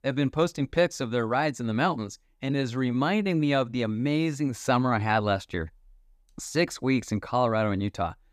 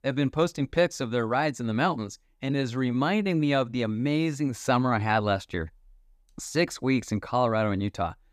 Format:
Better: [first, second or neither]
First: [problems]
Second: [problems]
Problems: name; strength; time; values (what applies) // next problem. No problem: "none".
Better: neither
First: none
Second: none